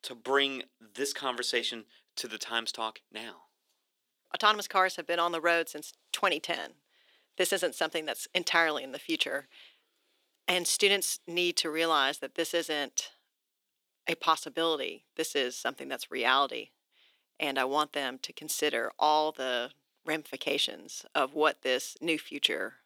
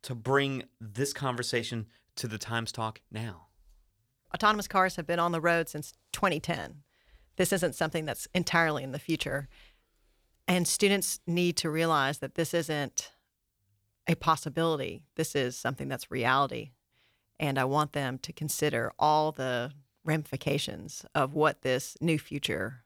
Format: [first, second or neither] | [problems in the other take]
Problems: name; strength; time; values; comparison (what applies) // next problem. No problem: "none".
second | thin; somewhat; fading below 300 Hz